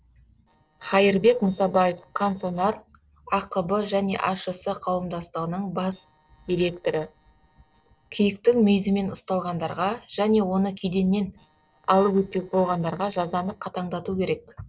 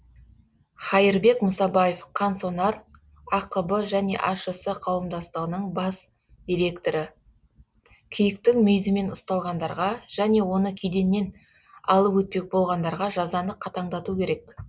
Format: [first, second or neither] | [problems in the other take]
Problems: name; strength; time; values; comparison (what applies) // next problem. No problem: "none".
second | noise reduction (neural separator model SepFormer DNS4)